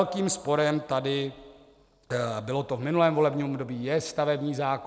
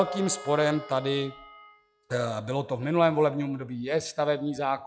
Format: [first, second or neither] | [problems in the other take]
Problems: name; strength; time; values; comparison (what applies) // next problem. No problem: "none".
first | noise reduction (classical method log-MMSE)